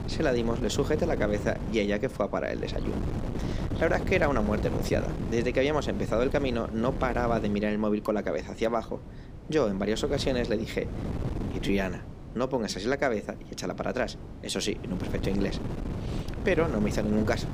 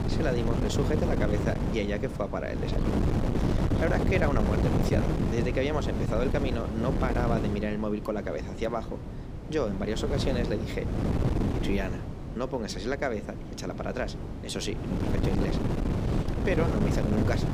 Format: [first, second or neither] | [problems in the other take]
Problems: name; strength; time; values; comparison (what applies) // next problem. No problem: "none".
first | wind noise on the microphone; heavy; 3 dB below the speech; occasional gusts in the first